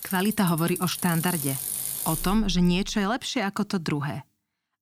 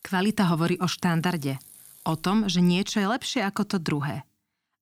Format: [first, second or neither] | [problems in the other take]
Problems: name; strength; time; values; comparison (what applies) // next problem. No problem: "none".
second | traffic noise; loud; until 2.5 s; 5 dB below the speech; faint in the second